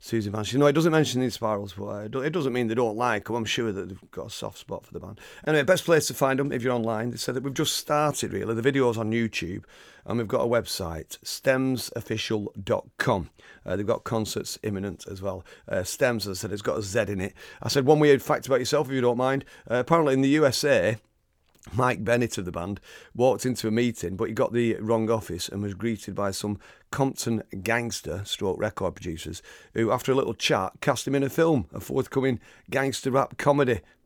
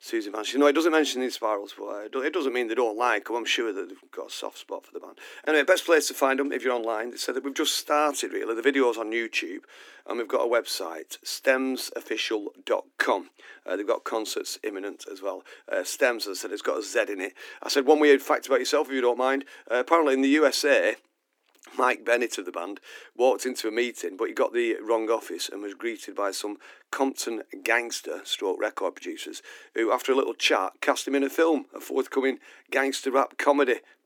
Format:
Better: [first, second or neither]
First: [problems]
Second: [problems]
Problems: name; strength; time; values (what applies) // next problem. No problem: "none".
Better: first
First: none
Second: thin; very slightly; fading below 250 Hz